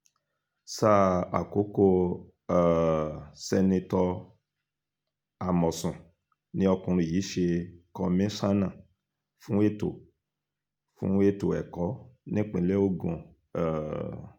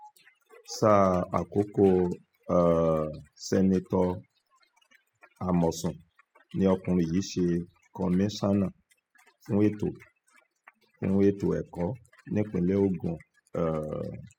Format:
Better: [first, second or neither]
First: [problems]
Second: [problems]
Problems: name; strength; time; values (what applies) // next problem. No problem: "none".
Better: first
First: none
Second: noise reduction (classical method spectral subtraction)